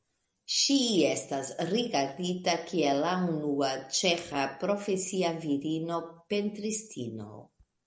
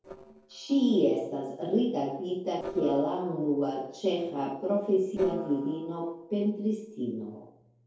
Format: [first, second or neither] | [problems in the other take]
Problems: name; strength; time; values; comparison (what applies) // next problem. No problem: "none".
first | noise reduction (neural separator model SepFormer DNS4)